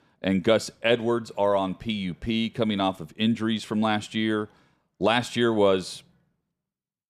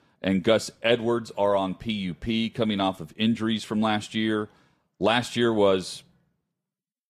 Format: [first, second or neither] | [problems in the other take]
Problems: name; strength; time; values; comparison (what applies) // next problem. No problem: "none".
first | garbled, watery; slightly; nothing above 14.5 kHz